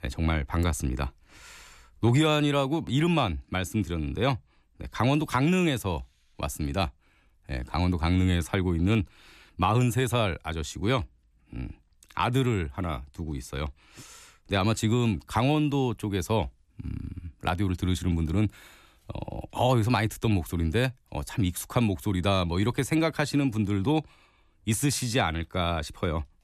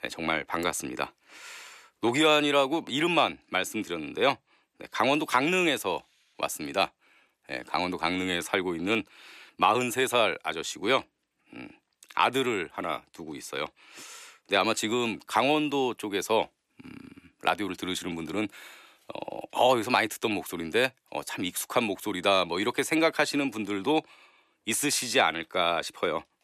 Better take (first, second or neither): first